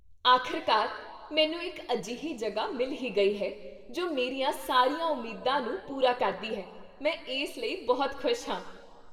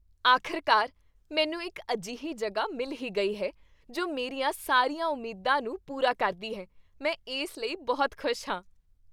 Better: second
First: room echo; dies away in 1.3 s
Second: none

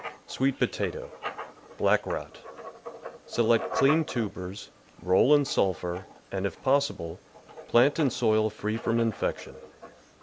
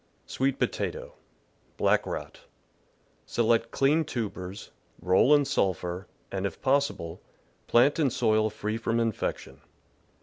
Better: second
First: background sound (Writing); 13 dB below the speech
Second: none

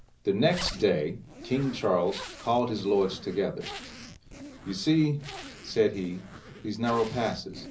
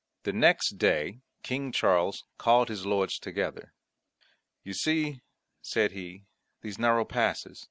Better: second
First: background sound (Zipper (clothing)); 15 dB below the speech // room echo; dies away in 0.5 s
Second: none

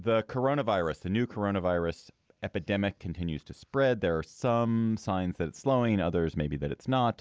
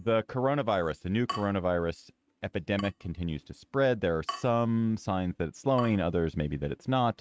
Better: first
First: none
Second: noise reduction (neural mask model RNNoise)

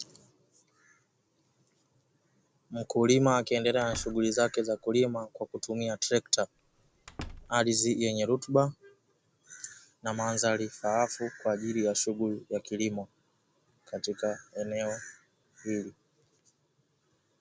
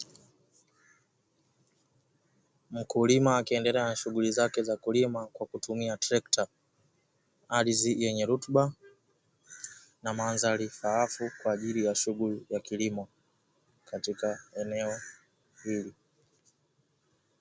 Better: second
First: background sound (Slam); 16 dB below the speech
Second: none

